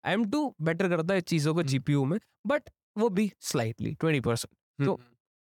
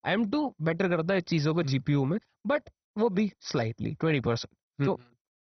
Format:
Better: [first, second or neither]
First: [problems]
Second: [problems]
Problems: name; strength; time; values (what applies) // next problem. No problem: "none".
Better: first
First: none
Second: garbled, watery; badly; nothing above 6 kHz